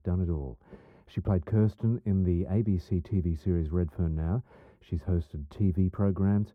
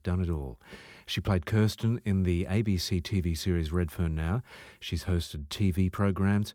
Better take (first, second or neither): second